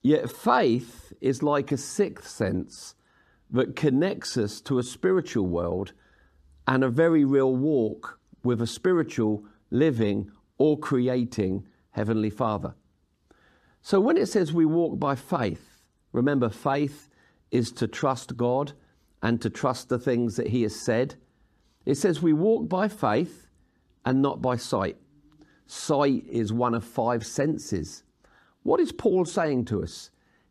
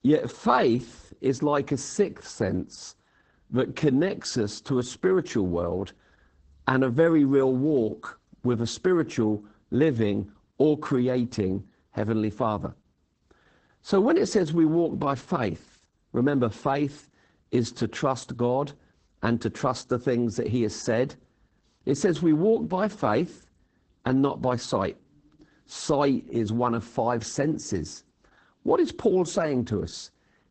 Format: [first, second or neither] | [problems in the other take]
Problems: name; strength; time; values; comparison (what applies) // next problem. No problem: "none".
first | garbled, watery; badly; nothing above 8 kHz